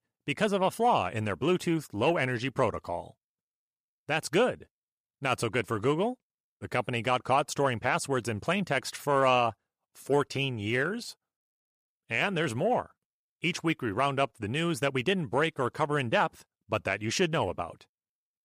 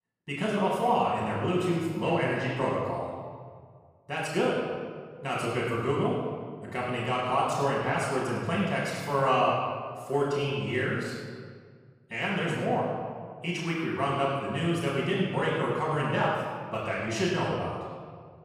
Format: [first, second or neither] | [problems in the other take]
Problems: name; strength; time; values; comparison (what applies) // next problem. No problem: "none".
first | room echo; strong; dies away in 1.6 s // off-mic speech; far